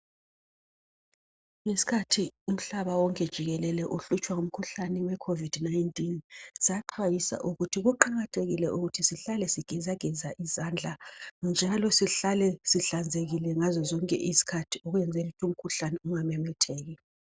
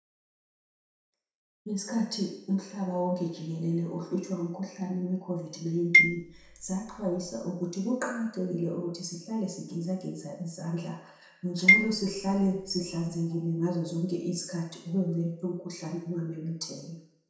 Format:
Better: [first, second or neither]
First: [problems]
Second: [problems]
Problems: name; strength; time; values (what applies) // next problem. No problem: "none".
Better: first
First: none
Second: background sound (Marimba, xylophone); 5 dB above the speech // room echo; dies away in 0.7 s